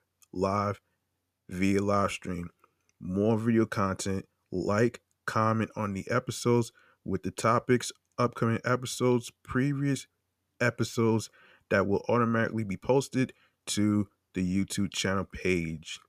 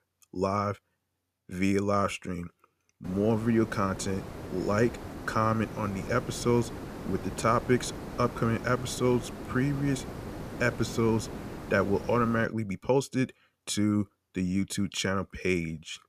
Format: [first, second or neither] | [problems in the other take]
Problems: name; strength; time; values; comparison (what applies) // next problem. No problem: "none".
first | hiss; noticeable; from 3 to 12 s; 10 dB below the speech